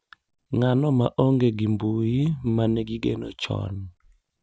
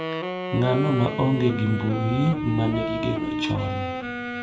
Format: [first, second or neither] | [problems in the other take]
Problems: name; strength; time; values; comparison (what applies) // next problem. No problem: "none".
first | background sound (Wind instrument, woodwind instrument); 5 dB below the speech // room echo; dies away in 1.7 s